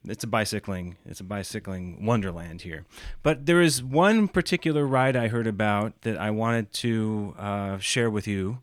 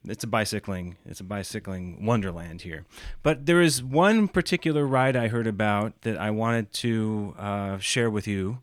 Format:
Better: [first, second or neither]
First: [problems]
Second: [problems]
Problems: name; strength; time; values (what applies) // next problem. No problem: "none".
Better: neither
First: none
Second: none